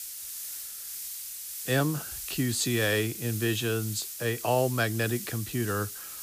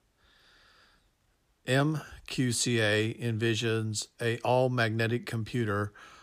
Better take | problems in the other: second | hiss; loud; throughout; 7 dB below the speech

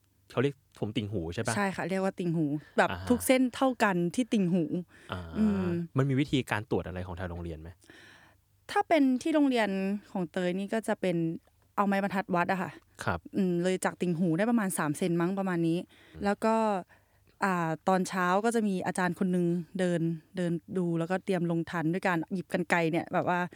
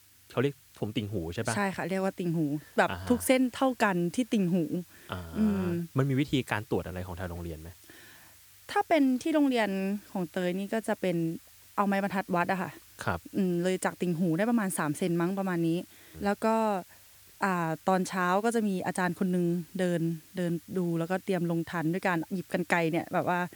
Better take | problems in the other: first | hiss; faint; throughout; 25 dB below the speech

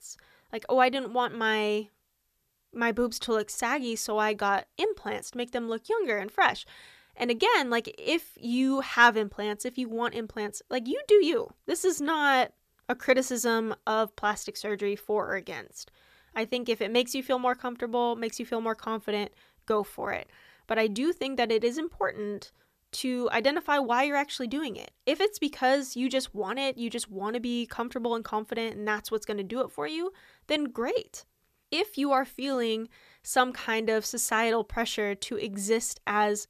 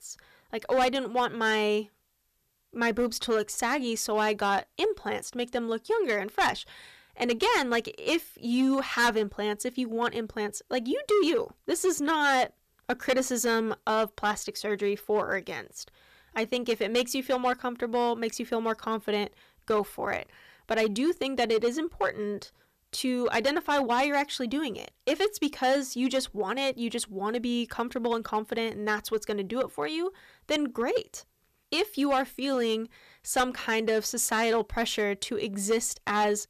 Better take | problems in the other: first | distortion; slight; 4% of the sound clipped

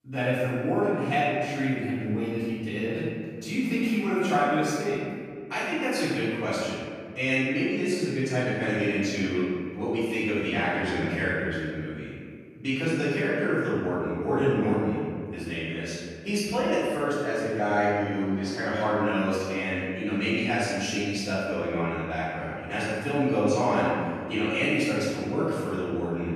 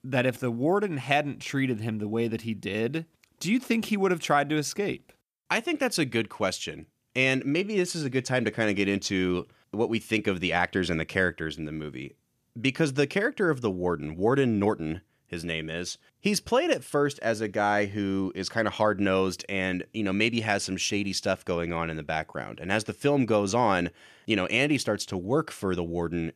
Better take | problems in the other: second | off-mic speech; far // room echo; strong; dies away in 1.9 s

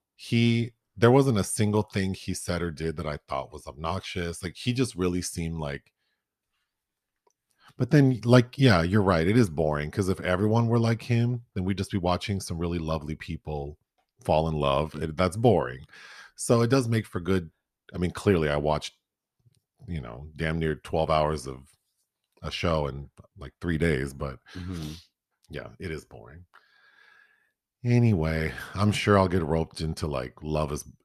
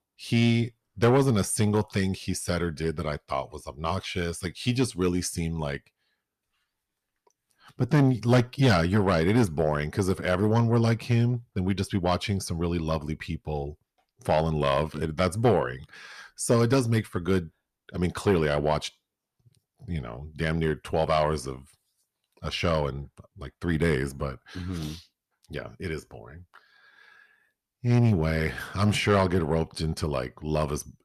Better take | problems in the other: first | distortion; slight; 10 dB below the speech

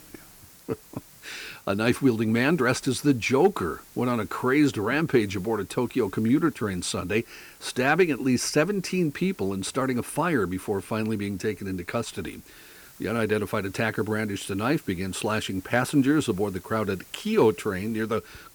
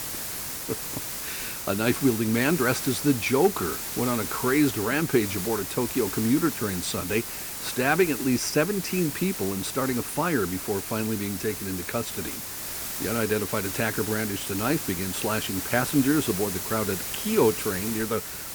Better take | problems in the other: first | hiss; loud; throughout; 5 dB below the speech; faint in the first

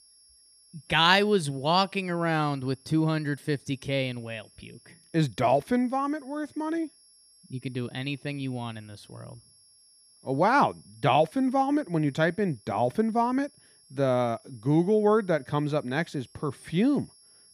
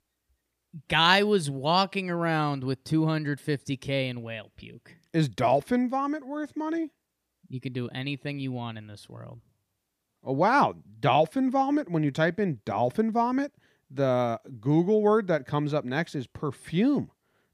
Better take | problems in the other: second | high-pitched whine; faint; throughout; 11 kHz, 30 dB below the speech

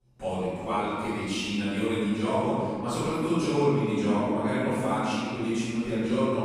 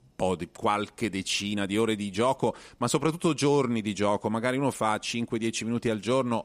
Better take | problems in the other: second | off-mic speech; far // room echo; strong; dies away in 2.4 s

